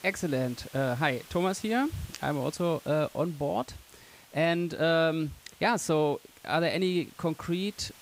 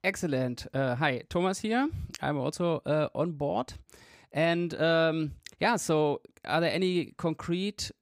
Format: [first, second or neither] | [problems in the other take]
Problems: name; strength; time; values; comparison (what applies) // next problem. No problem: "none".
second | hiss; faint; throughout; 20 dB below the speech